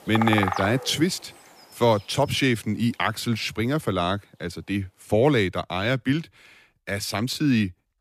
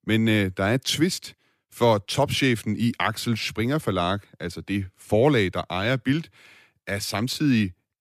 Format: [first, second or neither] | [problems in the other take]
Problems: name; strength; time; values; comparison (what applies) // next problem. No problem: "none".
second | animal sounds; loud; throughout; 6 dB below the speech